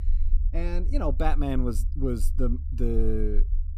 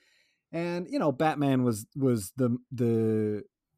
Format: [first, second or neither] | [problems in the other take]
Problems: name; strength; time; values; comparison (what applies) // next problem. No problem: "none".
second | low rumble; noticeable; throughout; 20 dB below the speech